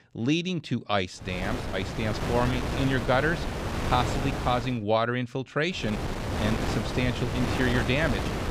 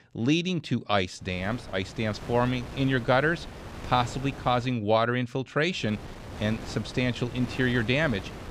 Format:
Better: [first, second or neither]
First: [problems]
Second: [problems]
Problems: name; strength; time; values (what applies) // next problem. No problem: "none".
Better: second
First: wind noise on the microphone; heavy; from 1.5 to 4.5 s and from 6 s on; 4 dB below the speech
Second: wind noise on the microphone; occasional gusts; from 1.5 to 4.5 s and from 6 s on; 15 dB below the speech